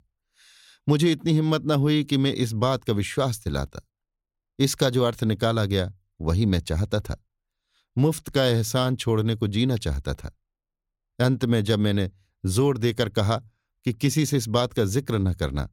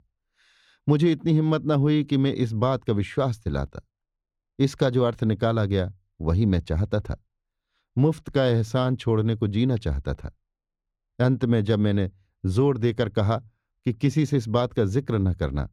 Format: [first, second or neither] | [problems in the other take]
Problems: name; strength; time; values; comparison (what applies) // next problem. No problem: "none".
first | muffled; slightly; fading above 1.5 kHz